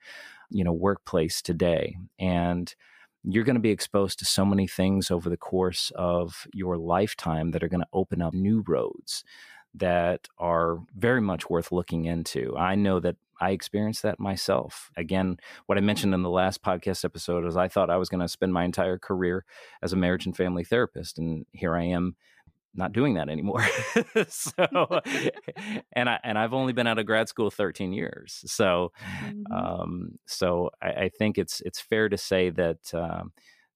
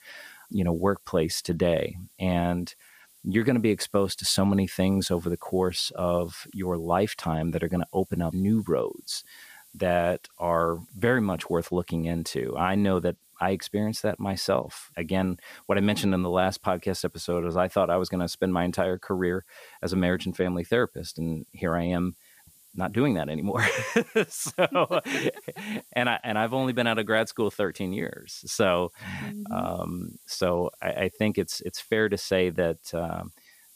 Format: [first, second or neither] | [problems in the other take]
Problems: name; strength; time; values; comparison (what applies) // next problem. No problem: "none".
first | hiss; faint; throughout; 25 dB below the speech